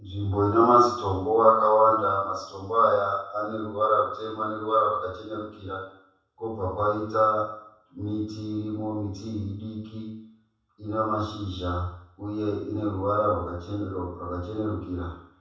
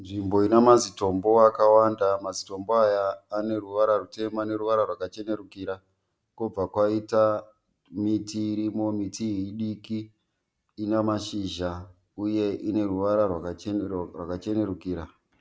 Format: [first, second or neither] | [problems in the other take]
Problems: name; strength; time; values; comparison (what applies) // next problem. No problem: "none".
second | room echo; dies away in 0.7 s